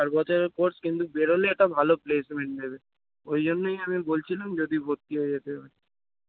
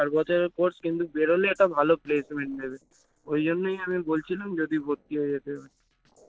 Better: first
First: none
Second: noise reduction (neural separator model SepFormer DNS4)

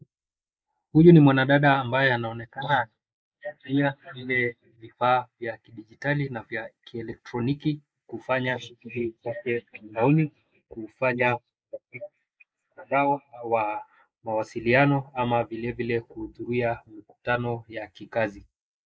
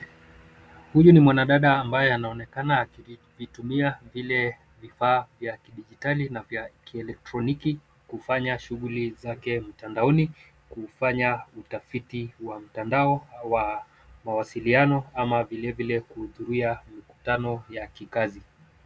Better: second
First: noise reduction (neural mask model Resemble Enhance denoiser)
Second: none

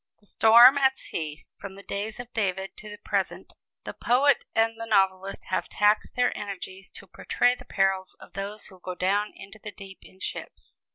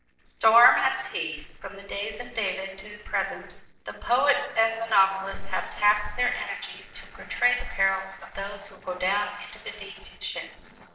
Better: first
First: none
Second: noise reduction (neural separator model SepFormer DNS4)

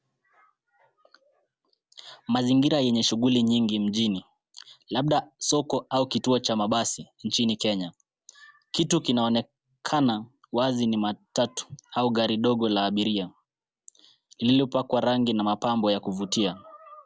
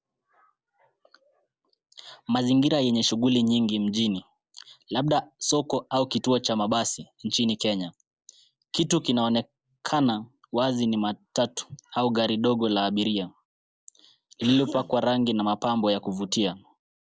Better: first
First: none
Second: noise reduction (neural mask model Resemble Enhance denoiser)

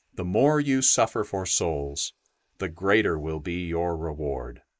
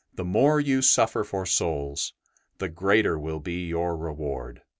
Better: second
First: noise reduction (neural mask model Resemble Enhance denoiser)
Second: none

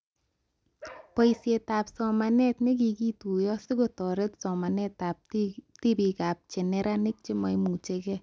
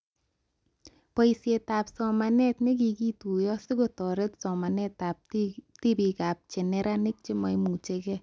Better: second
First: background sound (Bark); 20 dB below the speech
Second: none

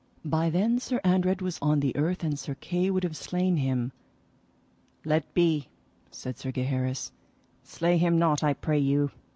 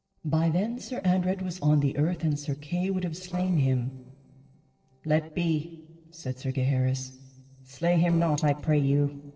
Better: first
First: none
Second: noise reduction (neural separator model SepFormer DNS4)

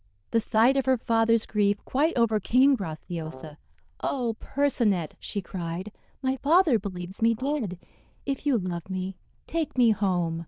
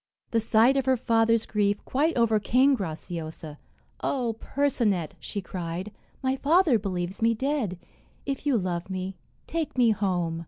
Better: second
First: noise reduction (neural diffusion model UNIVERSE++)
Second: none

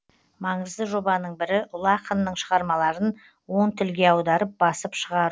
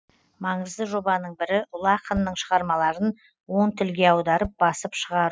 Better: first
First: none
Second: noise reduction (classical method spectral subtraction)

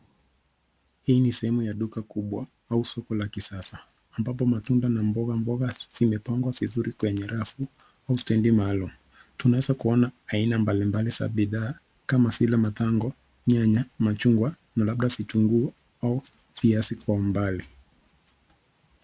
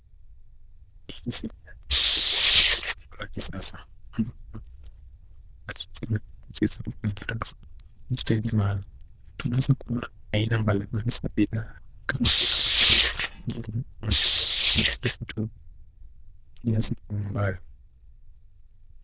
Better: first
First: none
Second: noise reduction (neural diffusion model UNIVERSE++)

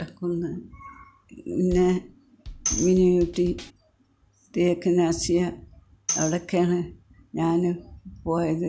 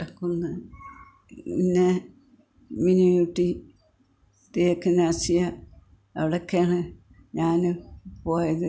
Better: second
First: background sound (Bass drum / Snare drum / Drum kit + Tambourine); 9 dB below the speech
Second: none

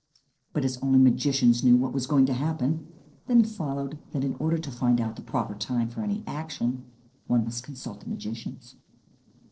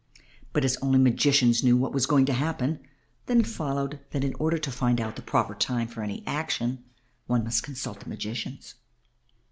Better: second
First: noise reduction (neural separator model SepFormer DNS4)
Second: none

